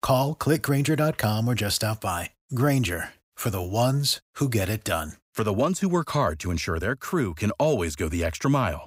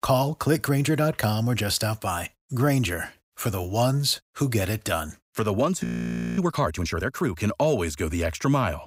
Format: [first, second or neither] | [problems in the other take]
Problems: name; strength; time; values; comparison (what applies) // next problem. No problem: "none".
first | audio freezing; at 6 s for 0.5 s